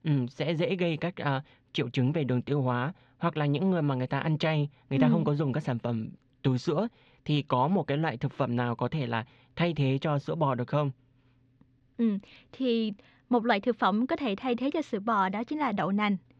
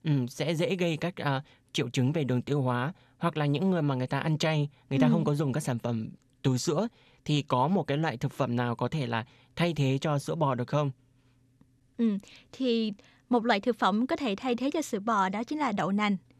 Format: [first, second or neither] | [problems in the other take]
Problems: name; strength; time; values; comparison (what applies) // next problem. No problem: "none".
second | muffled; slightly; fading above 4 kHz